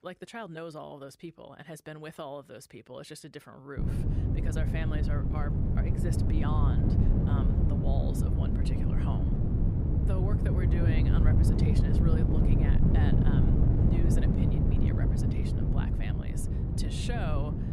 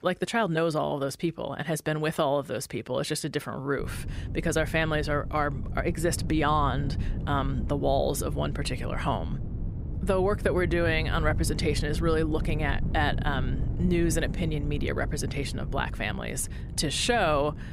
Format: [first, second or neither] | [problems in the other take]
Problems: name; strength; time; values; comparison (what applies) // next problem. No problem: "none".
second | wind noise on the microphone; heavy; from 4 s on; 4 dB above the speech; occasional gusts in the second